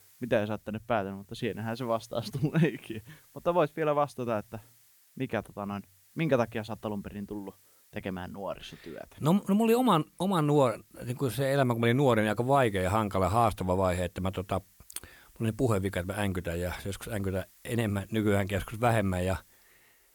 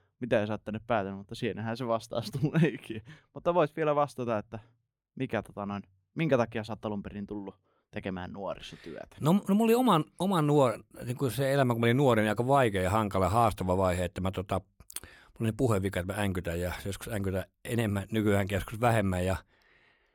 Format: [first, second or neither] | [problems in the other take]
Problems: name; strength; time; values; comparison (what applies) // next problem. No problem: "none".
second | hiss; faint; throughout; 30 dB below the speech